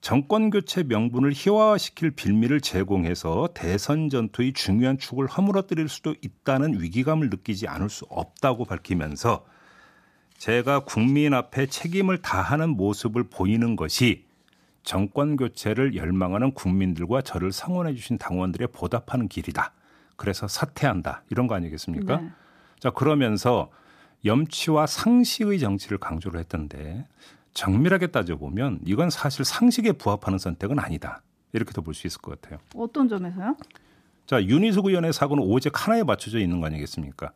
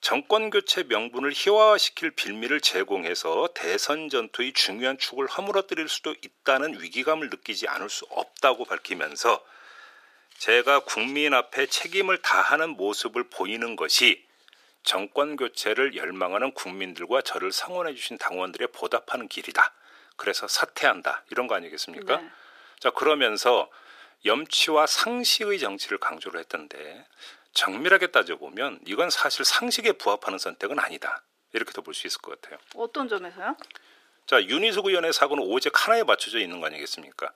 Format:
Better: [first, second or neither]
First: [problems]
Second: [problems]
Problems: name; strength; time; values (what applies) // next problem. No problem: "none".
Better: first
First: none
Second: thin; very; fading below 400 Hz